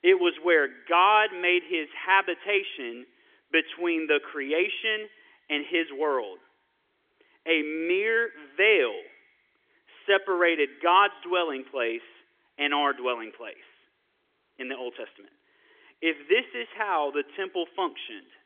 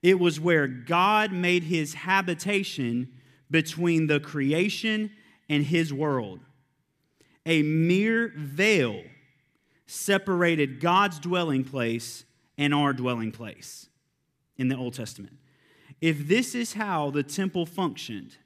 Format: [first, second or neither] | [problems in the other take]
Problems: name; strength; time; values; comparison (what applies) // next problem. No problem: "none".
second | phone-call audio; nothing above 3.5 kHz